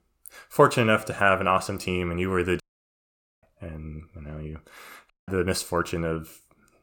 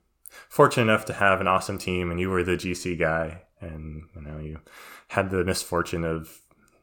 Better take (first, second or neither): second